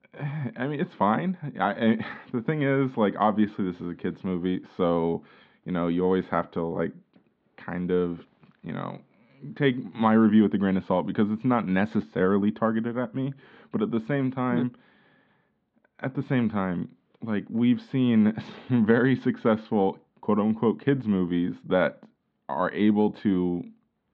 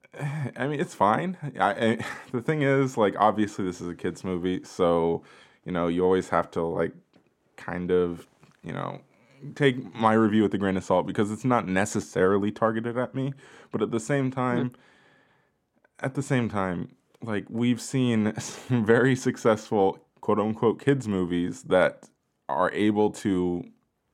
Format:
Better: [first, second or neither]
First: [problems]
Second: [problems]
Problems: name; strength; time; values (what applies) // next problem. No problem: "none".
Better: second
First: muffled; very; fading above 4 kHz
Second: none